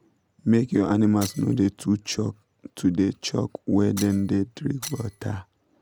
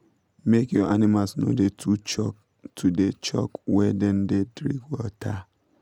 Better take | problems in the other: second | background sound (Shatter); 17 dB below the speech

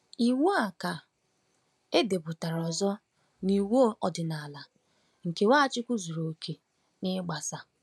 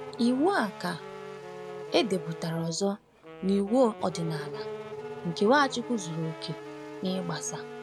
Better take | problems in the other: first | background sound (Race car, auto racing / Accelerating, revving, vroom + Wind instrument, woodwind instrument); 11 dB below the speech

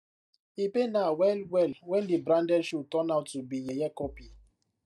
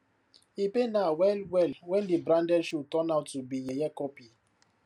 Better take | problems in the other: second | noise reduction (neural mask model DeepFilterNet 3)

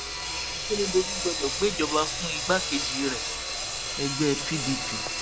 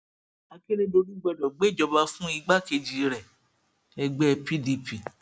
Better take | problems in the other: second | background sound (Sawing); 1 dB below the speech

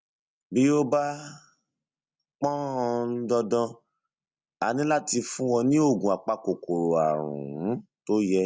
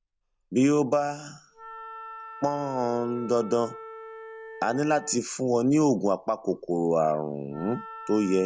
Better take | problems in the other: first | background sound (Wind instrument, woodwind instrument); 17 dB below the speech

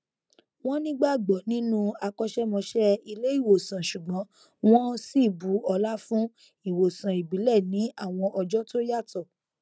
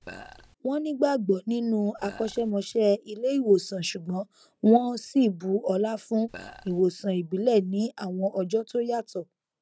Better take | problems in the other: first | background sound (Burping, eructation); 18 dB below the speech

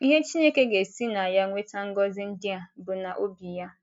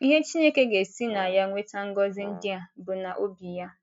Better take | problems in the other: first | noise reduction (neural mask model RNNoise)

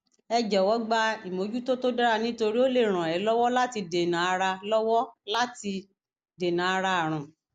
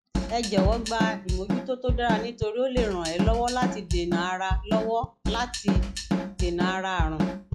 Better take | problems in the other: first | noise reduction (classical method log-MMSE)

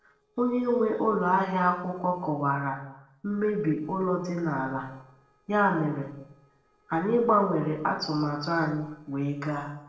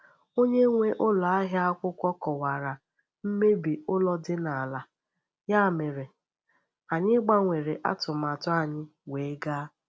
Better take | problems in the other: second | noise reduction (neural separator model SepFormer DNS4)

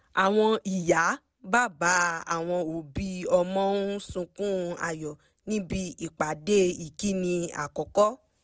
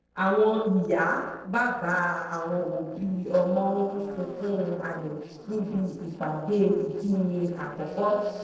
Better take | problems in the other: first | noise reduction (neural separator model SepFormer DNS4)

